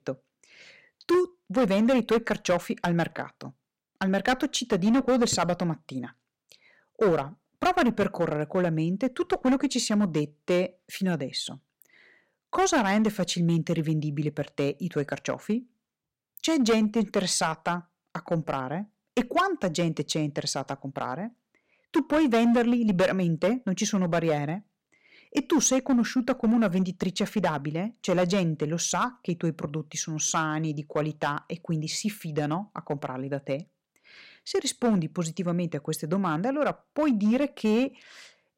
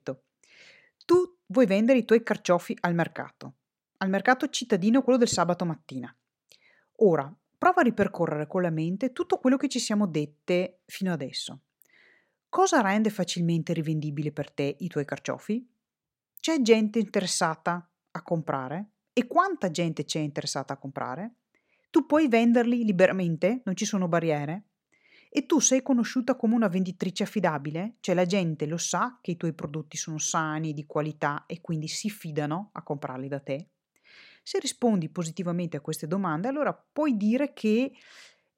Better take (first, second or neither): second